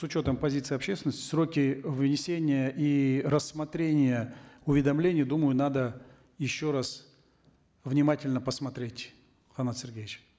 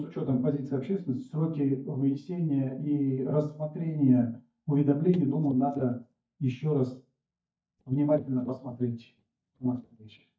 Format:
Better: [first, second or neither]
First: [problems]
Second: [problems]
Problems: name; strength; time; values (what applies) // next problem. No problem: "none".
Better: first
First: none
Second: noise reduction (neural mask model DeepFilterNet 3)